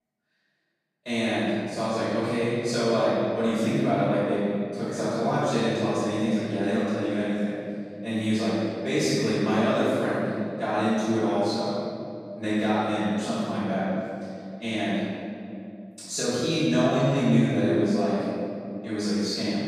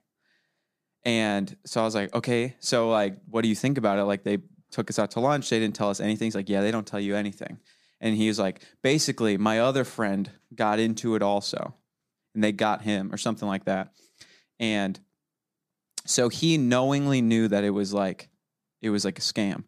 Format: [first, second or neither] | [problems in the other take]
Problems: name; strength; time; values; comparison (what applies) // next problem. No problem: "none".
second | off-mic speech; far // room echo; strong; dies away in 2.3 s